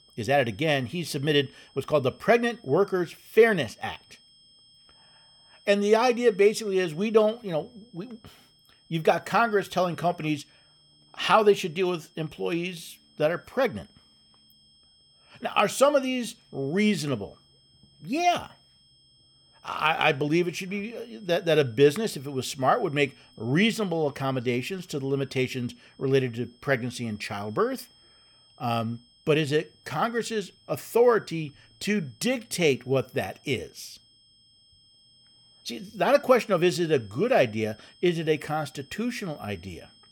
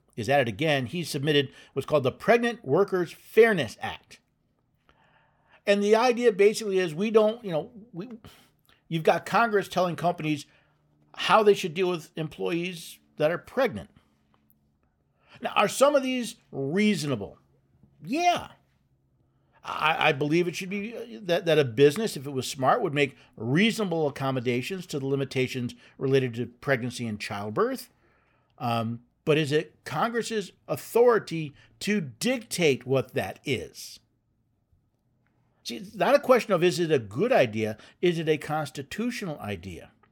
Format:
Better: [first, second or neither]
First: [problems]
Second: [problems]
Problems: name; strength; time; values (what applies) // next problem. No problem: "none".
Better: second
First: high-pitched whine; faint; throughout; 3 kHz, 30 dB below the speech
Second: none